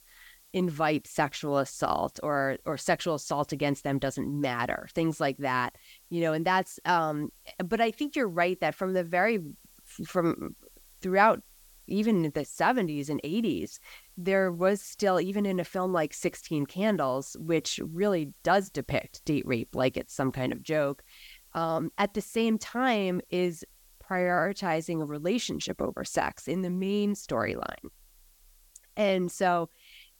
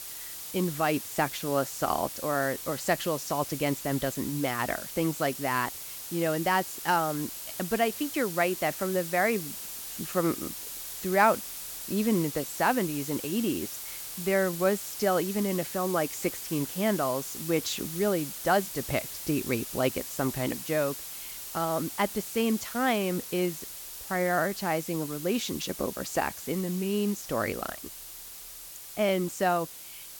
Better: first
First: hiss; faint; throughout; 25 dB below the speech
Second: hiss; loud; throughout; 7 dB below the speech

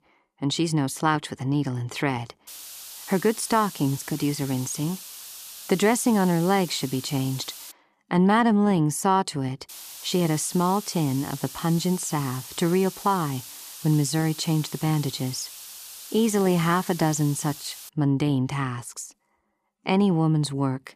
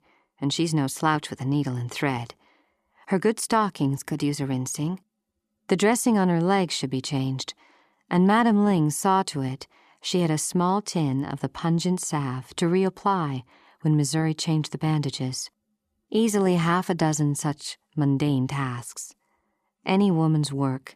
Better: second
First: hiss; noticeable; from 2.5 to 7.5 s and from 9.5 to 18 s; 15 dB below the speech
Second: none

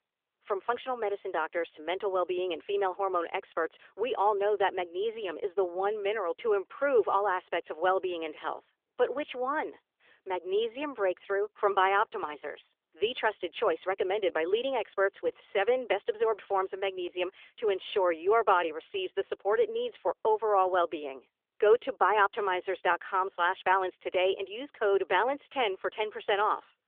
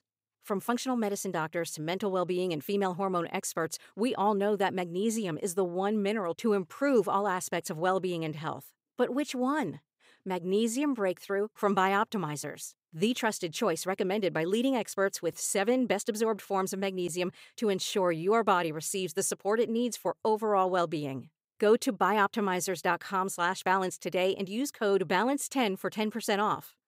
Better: second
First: phone-call audio; nothing above 3.5 kHz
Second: none

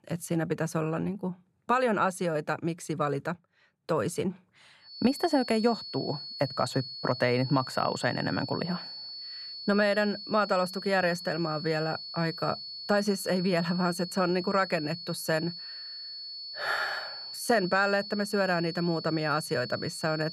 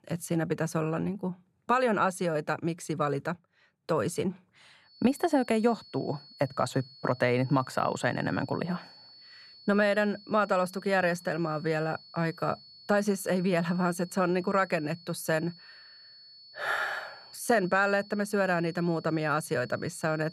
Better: second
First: high-pitched whine; loud; from 5 s on; 4.5 kHz, 9 dB below the speech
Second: high-pitched whine; faint; from 5 s on; 4.5 kHz, 20 dB below the speech

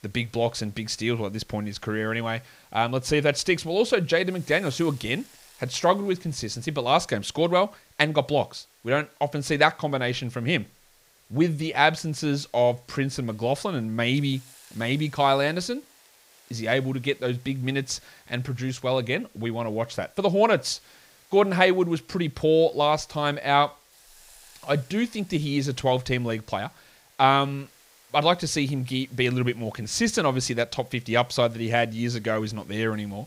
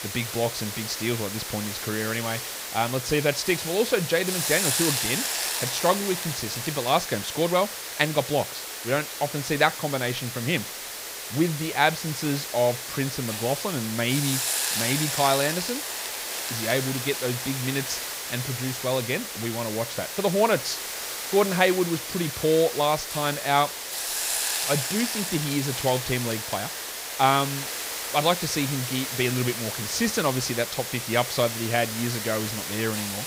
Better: first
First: hiss; faint; throughout; 30 dB below the speech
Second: hiss; loud; throughout; 3 dB below the speech

